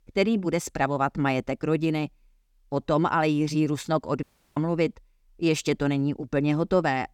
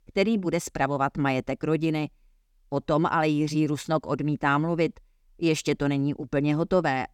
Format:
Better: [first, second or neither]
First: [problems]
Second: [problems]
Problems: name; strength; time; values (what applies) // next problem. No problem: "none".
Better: second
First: audio cutting out; at 4 s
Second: none